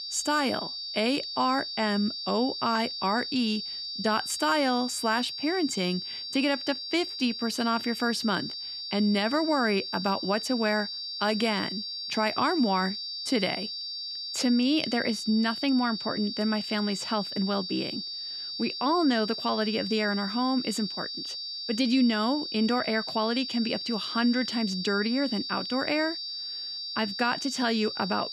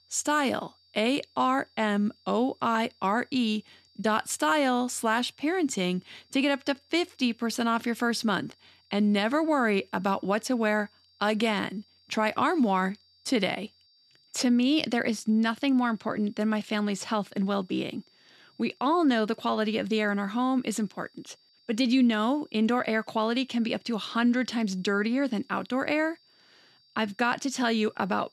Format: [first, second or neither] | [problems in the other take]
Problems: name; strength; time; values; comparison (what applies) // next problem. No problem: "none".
second | high-pitched whine; loud; throughout; 4.5 kHz, 5 dB below the speech; faint in the second